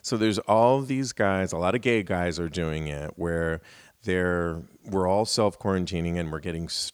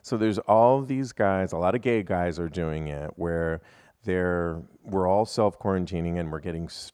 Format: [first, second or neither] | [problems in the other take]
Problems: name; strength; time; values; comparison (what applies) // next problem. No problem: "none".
first | muffled; slightly; fading above 2 kHz